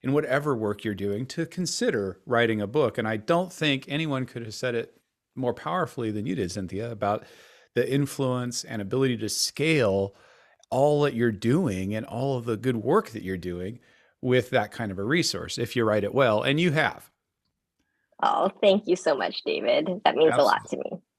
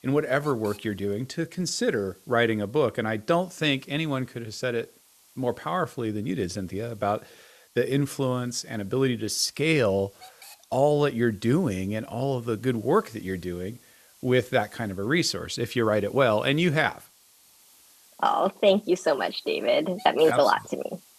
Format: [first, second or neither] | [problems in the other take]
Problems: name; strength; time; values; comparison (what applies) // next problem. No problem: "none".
first | hiss; faint; throughout; 25 dB below the speech